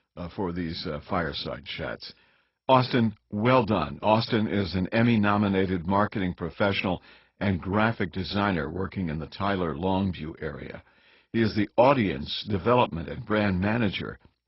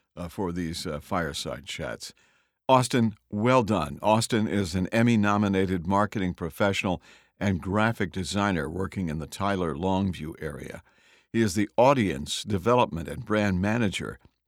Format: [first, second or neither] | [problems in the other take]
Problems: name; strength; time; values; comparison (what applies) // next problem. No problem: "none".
second | garbled, watery; badly; nothing above 5.5 kHz